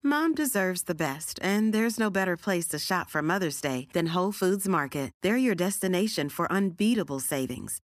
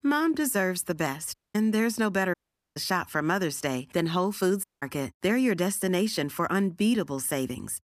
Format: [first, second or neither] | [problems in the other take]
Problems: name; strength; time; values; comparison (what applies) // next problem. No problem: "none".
first | audio cutting out; at 1.5 s, at 2.5 s and at 4.5 s